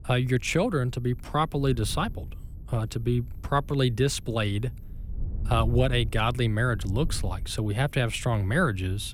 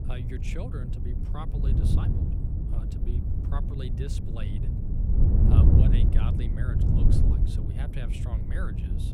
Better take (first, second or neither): first